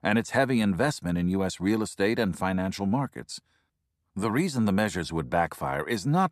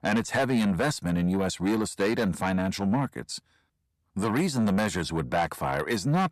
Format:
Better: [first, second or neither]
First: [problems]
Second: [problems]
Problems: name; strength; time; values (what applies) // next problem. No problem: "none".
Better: first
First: none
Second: distortion; slight; 10 dB below the speech